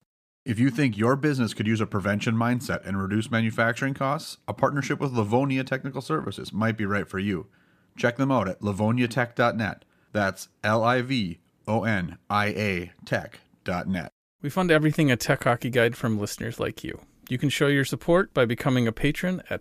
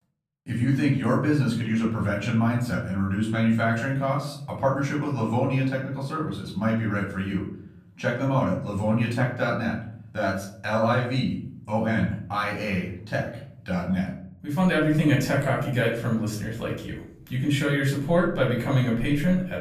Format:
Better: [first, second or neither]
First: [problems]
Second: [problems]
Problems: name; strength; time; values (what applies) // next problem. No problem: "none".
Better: first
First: none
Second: room echo; slight; dies away in 0.7 s // off-mic speech; far